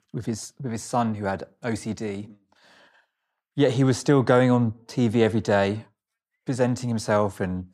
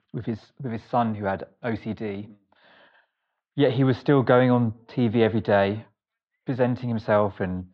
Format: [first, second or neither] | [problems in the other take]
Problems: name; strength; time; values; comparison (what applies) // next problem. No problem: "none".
first | muffled; very; fading above 3.5 kHz